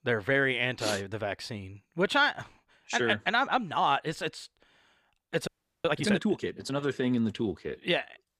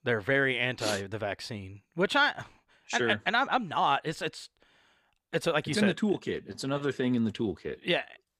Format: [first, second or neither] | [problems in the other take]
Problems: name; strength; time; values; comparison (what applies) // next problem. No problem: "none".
second | audio freezing; at 5.5 s